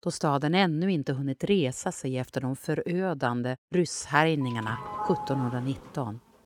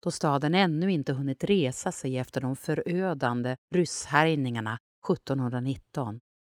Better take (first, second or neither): second